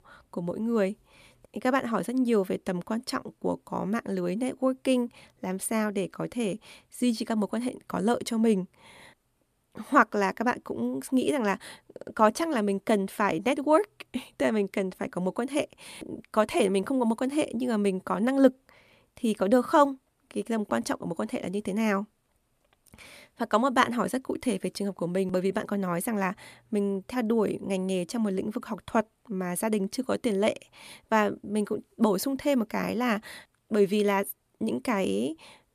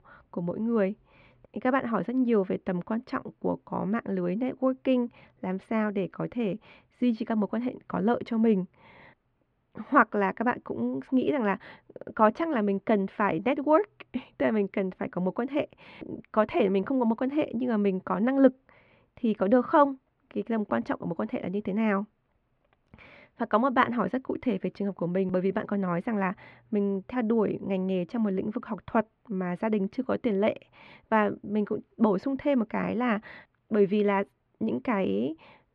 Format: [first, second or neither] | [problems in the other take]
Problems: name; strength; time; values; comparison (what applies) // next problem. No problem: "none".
first | muffled; very; fading above 2.5 kHz